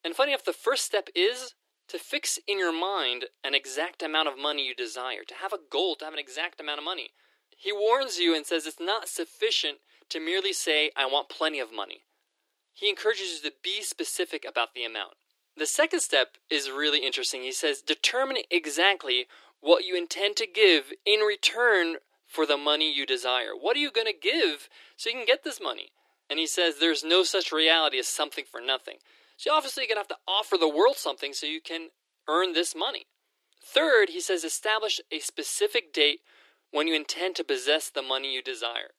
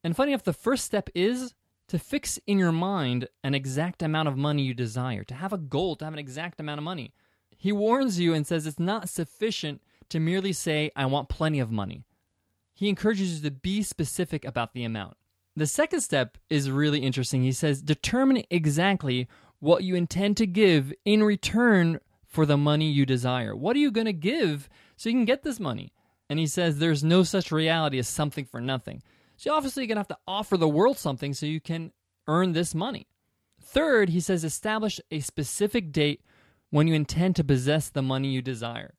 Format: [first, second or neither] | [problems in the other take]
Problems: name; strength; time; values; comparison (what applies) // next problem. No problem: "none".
second | thin; very; fading below 350 Hz